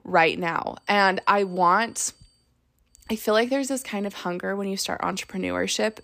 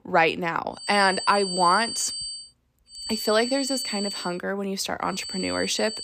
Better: first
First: high-pitched whine; faint; from 1 to 2.5 s, from 3 to 4.5 s and at 5 s; 4.5 kHz, 35 dB below the speech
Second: high-pitched whine; loud; from 1 to 2.5 s, from 3 to 4.5 s and at 5 s; 4.5 kHz, 5 dB below the speech

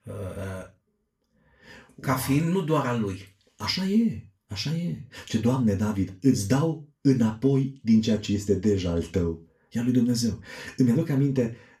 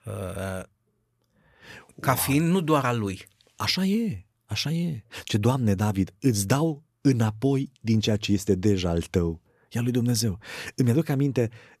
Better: second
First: room echo; very slight; dies away in 0.3 s // off-mic speech; far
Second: none

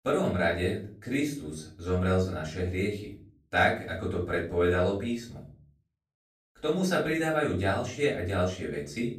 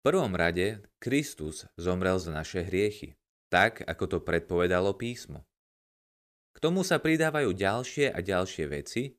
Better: second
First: off-mic speech; far // room echo; slight; dies away in 0.4 s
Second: none

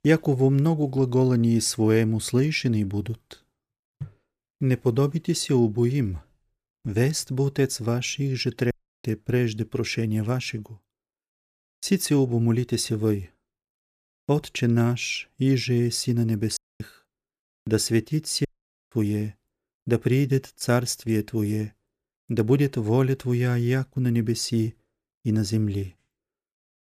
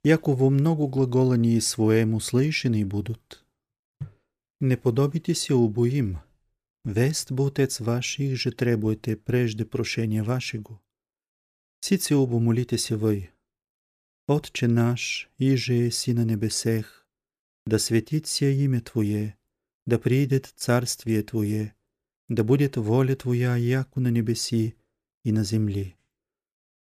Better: second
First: audio cutting out; at 8.5 s, at 17 s and at 18 s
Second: none

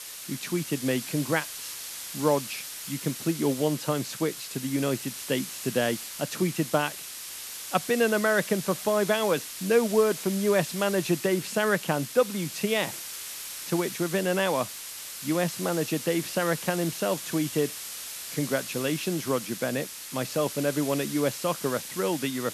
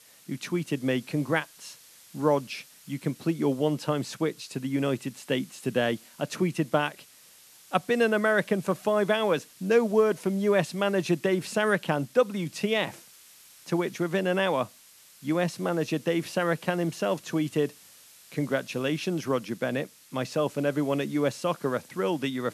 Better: second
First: hiss; loud; throughout; 8 dB below the speech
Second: hiss; faint; throughout; 25 dB below the speech

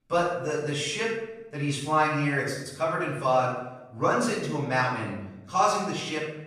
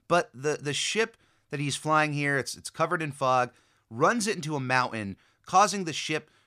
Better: second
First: off-mic speech; far // room echo; noticeable; dies away in 0.8 s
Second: none

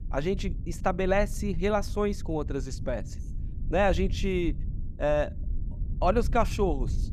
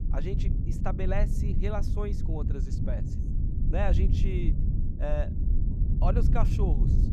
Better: first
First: low rumble; faint; throughout; 20 dB below the speech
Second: low rumble; loud; throughout; 6 dB below the speech

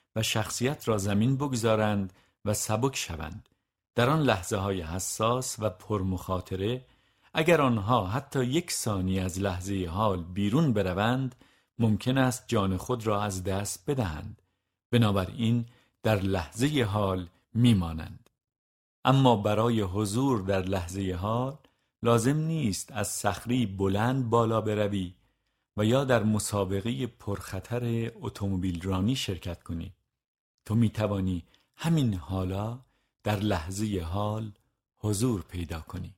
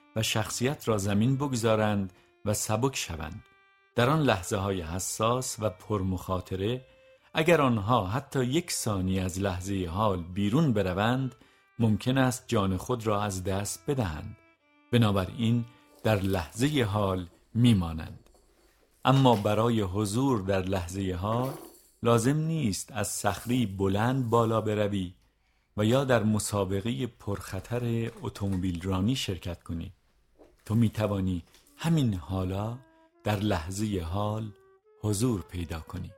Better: first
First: none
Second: background music; faint; throughout; 25 dB below the speech

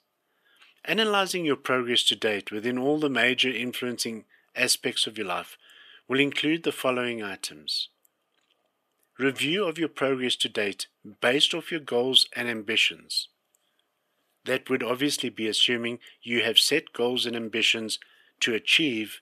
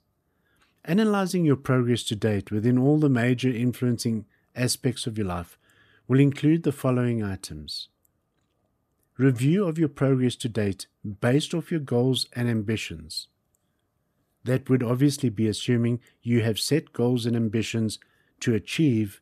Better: second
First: thin; somewhat; fading below 450 Hz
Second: none

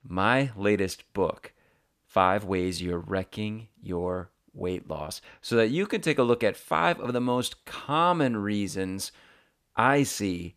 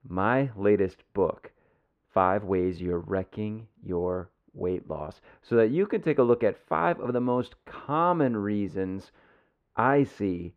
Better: first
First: none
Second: muffled; very; fading above 3.5 kHz

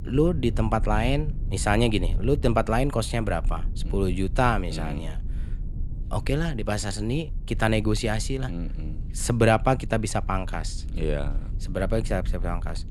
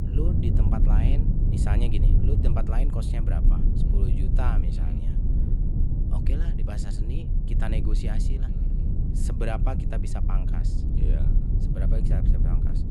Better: first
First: low rumble; faint; throughout; 20 dB below the speech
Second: low rumble; loud; throughout; 1 dB below the speech

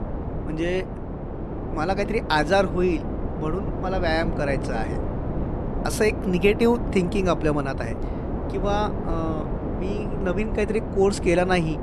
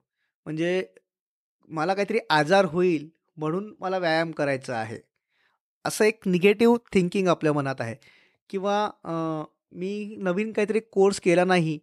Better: second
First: wind noise on the microphone; heavy; 9 dB below the speech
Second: none

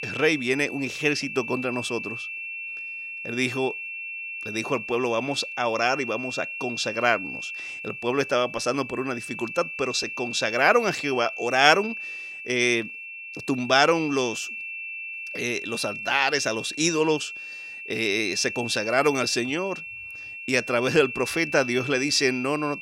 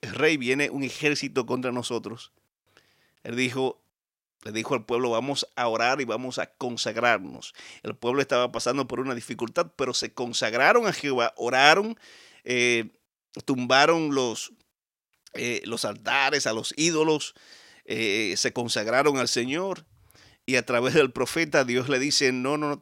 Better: second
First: high-pitched whine; loud; throughout; 2.5 kHz, 8 dB below the speech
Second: none

